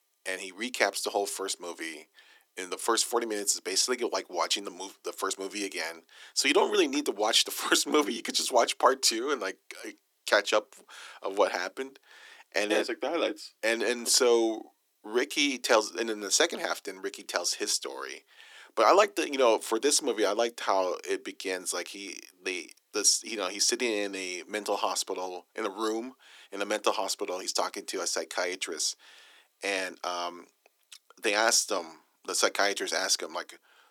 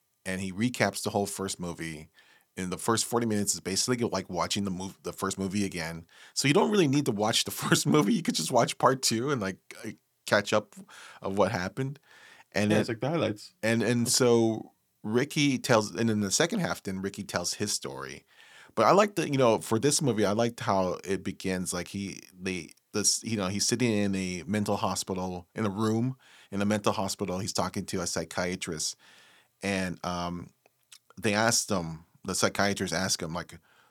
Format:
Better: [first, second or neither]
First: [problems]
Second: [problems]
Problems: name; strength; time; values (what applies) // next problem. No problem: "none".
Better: second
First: thin; somewhat; fading below 300 Hz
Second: none